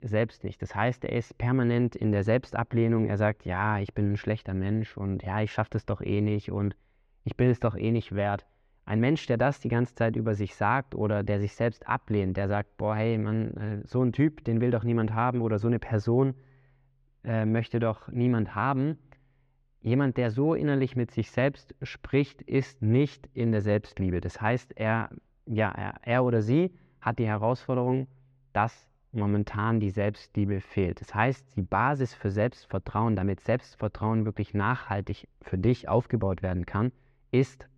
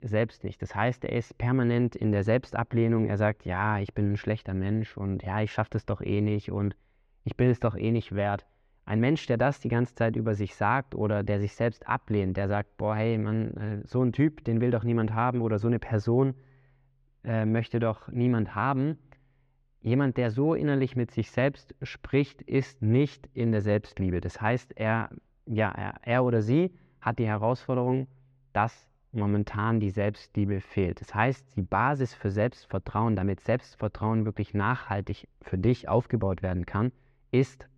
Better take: neither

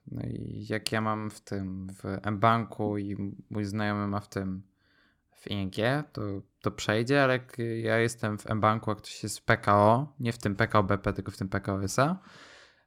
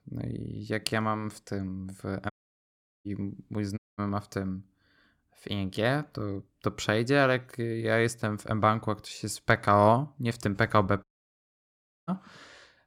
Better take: first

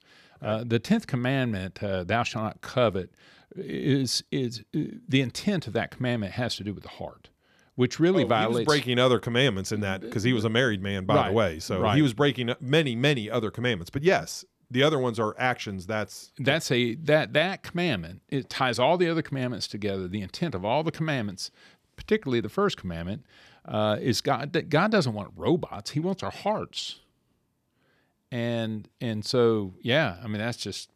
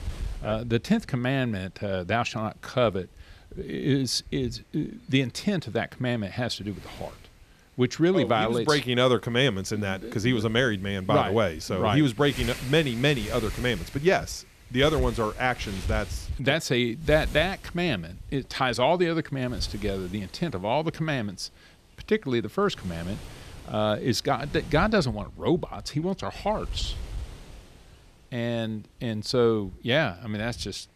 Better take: first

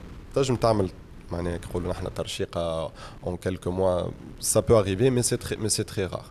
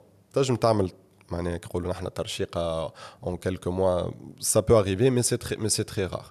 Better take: second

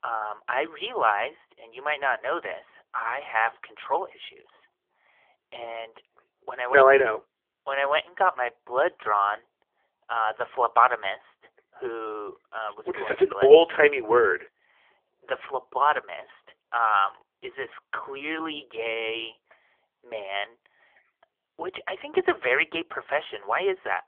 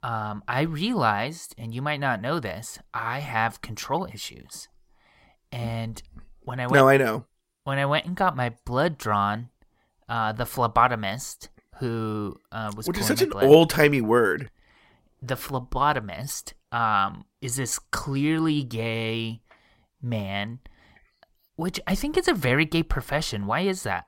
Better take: second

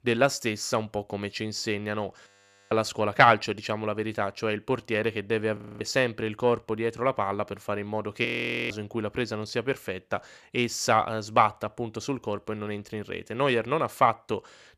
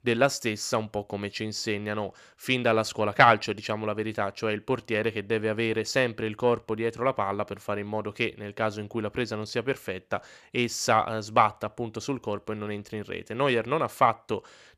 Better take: second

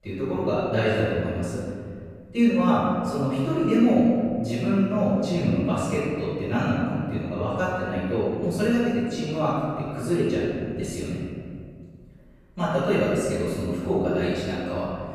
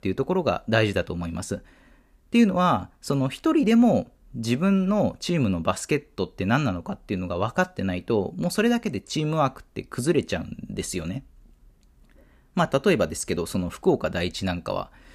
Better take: second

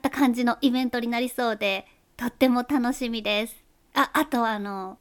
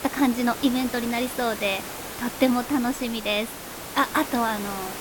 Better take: first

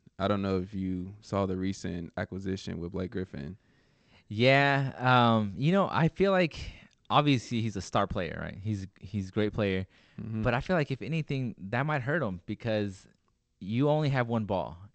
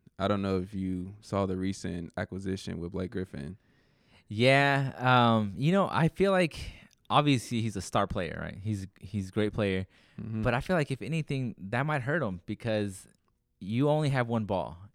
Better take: second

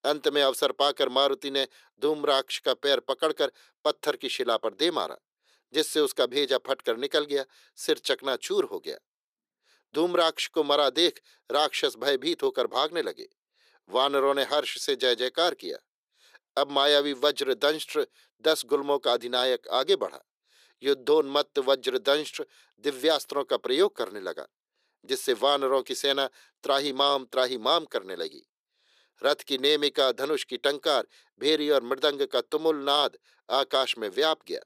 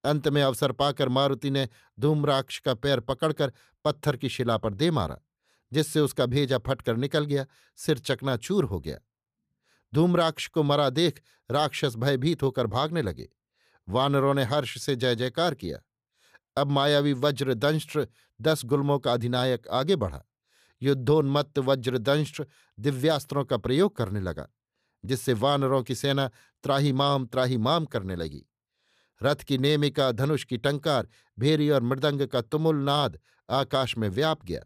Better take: second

